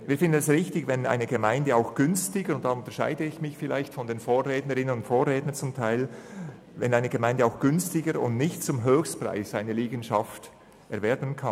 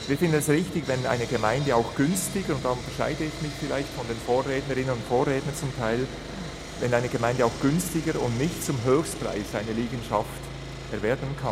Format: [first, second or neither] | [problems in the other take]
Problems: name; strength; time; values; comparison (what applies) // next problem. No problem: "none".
first | background sound (Sawing); 10 dB below the speech